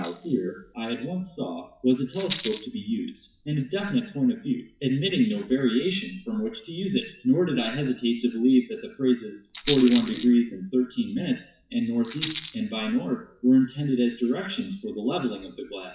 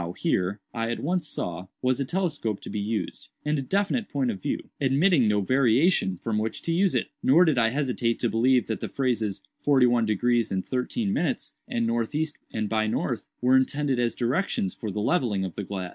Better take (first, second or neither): second